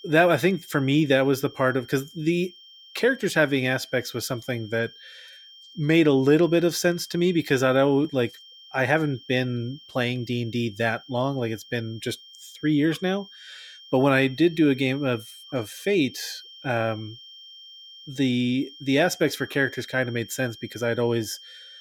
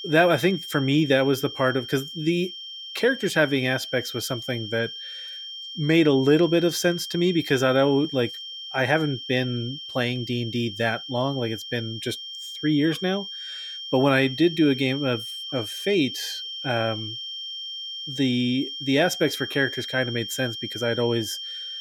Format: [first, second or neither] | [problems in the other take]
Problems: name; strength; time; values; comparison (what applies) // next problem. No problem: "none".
first | high-pitched whine; loud; throughout; 3 kHz, 9 dB below the speech; faint in the first